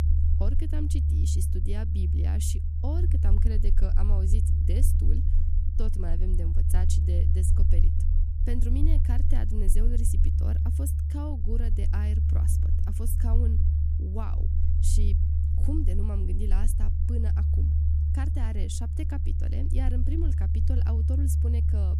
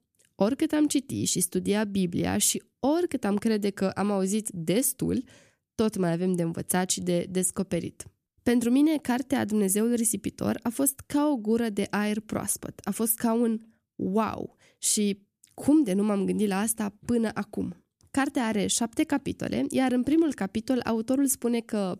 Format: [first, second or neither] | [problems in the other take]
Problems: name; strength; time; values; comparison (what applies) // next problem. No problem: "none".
second | low rumble; loud; throughout; 1 dB below the speech